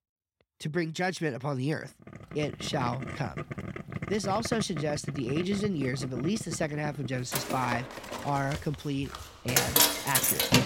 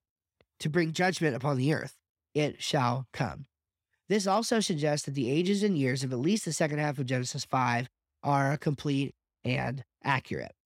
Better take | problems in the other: second | household noises; very loud; from 2 s on; 2 dB above the speech

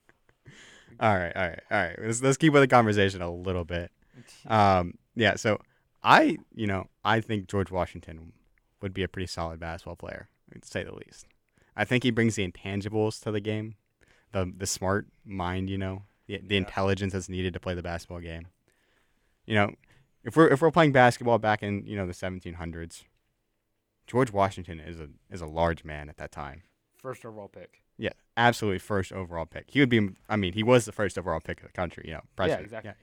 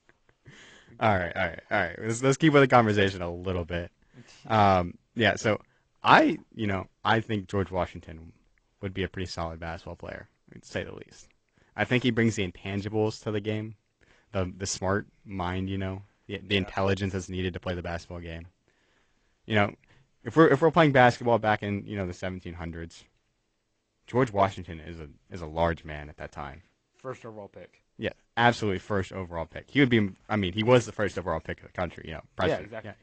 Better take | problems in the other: first | garbled, watery; slightly; nothing above 8 kHz

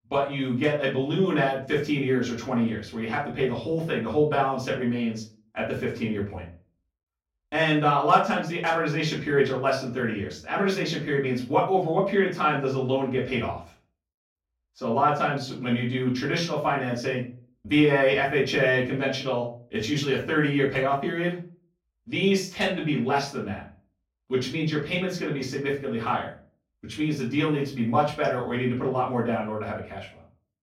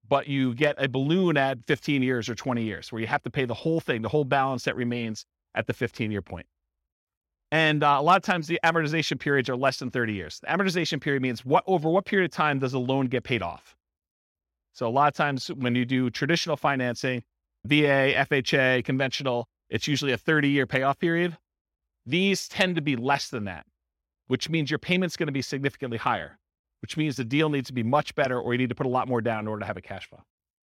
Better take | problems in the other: second | off-mic speech; far // room echo; slight; dies away in 0.3 s

